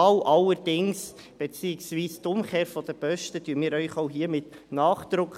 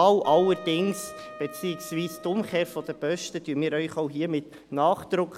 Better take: first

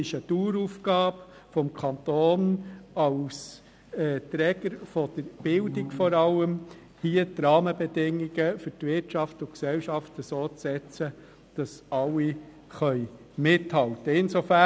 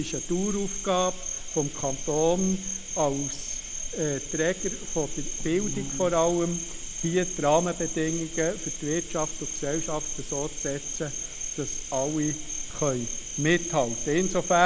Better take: first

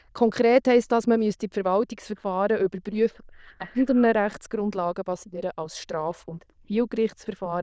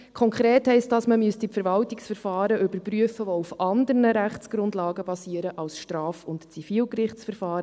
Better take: second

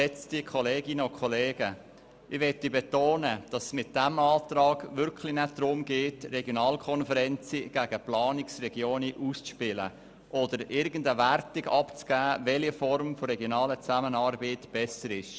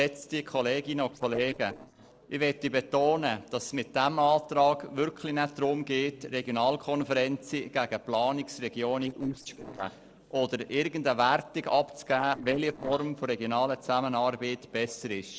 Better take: first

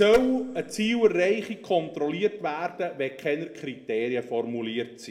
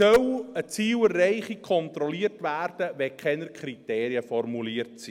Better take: second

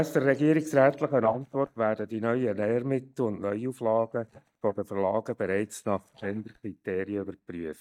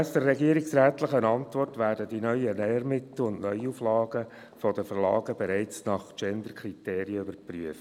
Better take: second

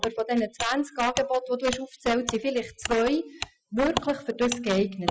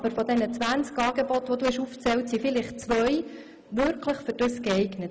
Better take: second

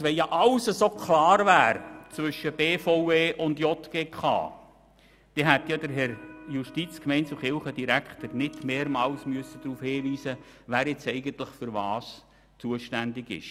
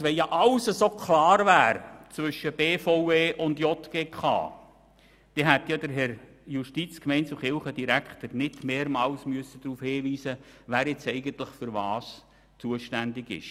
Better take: second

